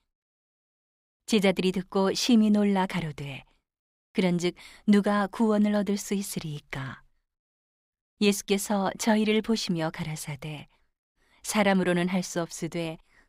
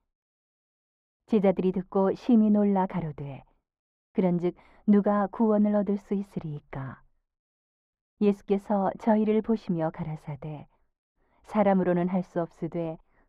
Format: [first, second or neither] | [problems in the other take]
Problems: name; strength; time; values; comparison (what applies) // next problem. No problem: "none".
first | muffled; very; fading above 2.5 kHz